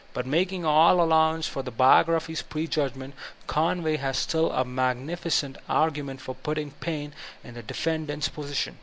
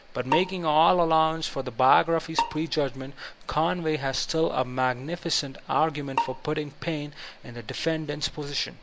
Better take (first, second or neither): first